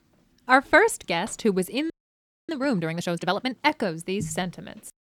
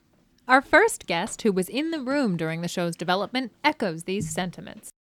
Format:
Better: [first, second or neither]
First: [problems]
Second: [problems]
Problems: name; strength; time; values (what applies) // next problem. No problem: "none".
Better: second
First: audio freezing; at 2 s for 0.5 s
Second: none